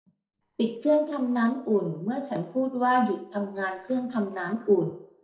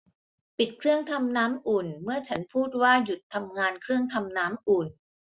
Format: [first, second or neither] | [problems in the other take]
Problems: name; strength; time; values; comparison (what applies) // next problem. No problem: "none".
second | noise reduction (neural separator model SepFormer DNS4)